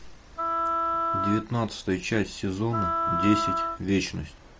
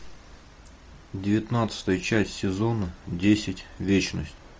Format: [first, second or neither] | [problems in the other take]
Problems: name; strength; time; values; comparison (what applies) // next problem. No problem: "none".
second | background sound (Wind instrument, woodwind instrument); as loud as the speech